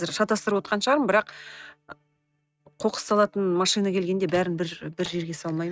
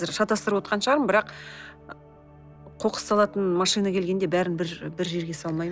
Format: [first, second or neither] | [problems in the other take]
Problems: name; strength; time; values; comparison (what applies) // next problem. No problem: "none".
second | noise reduction (neural mask model RNNoise)